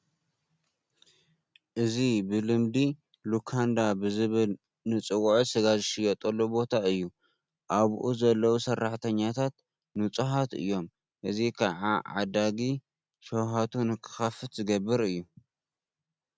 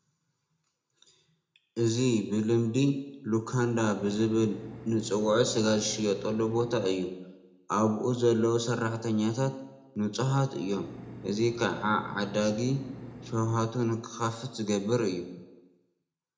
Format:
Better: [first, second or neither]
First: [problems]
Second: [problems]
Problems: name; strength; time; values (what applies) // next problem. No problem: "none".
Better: first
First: none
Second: background sound (Engine); 14 dB below the speech // room echo; dies away in 0.5 s